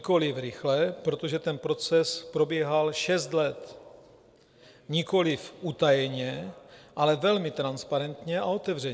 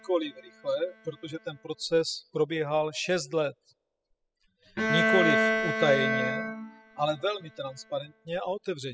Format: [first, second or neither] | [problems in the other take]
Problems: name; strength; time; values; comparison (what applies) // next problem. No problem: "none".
first | noise reduction (classical method spectral subtraction)